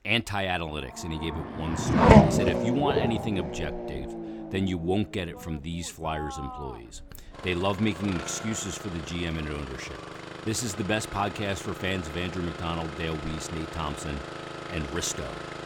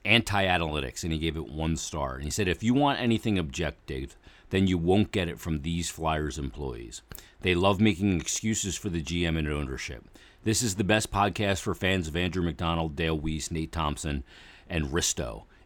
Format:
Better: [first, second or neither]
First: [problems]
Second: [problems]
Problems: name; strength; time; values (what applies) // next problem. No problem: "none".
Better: second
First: traffic noise; very loud; throughout; 2 dB above the speech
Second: none